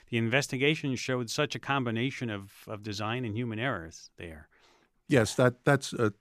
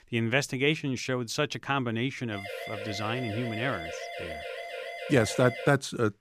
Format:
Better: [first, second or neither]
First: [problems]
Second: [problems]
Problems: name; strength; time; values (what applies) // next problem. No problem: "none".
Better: first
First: none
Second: siren; noticeable; from 2.5 to 5.5 s; peak 8 dB below the speech